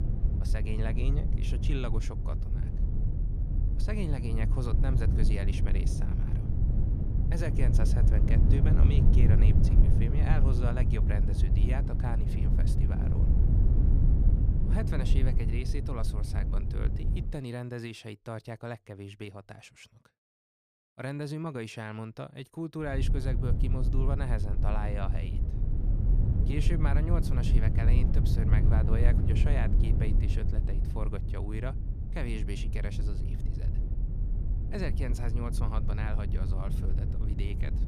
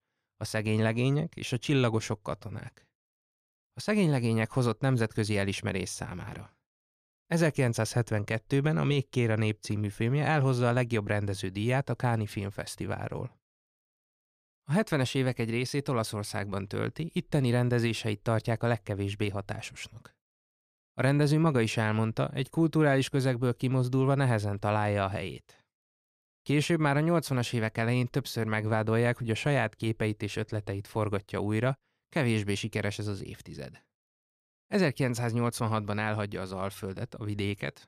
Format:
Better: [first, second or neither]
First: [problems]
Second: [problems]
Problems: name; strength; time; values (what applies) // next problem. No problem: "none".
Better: second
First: low rumble; loud; until 17 s and from 23 s on; 2 dB below the speech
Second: none